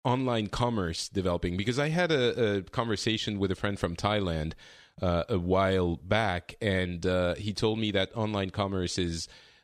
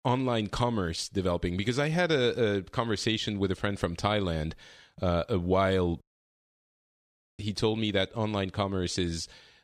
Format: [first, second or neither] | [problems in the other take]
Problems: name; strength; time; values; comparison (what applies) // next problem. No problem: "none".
first | audio cutting out; at 6 s for 1.5 s